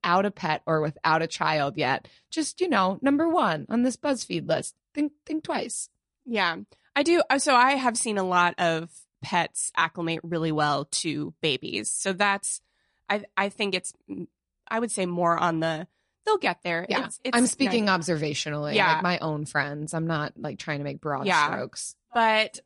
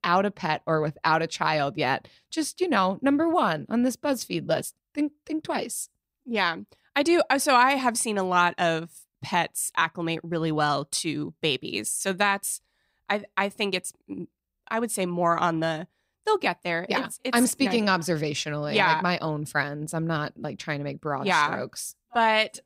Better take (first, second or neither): second